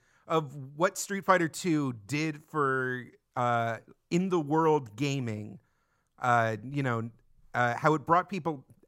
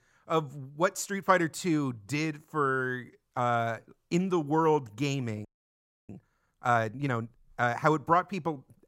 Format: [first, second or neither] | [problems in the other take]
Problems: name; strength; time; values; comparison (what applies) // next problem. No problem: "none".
first | audio freezing; at 5.5 s for 0.5 s